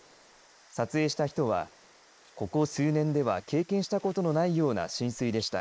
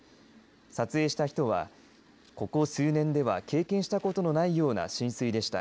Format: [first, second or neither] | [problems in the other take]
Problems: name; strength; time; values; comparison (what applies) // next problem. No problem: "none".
second | noise reduction (neural mask model Resemble Enhance denoiser)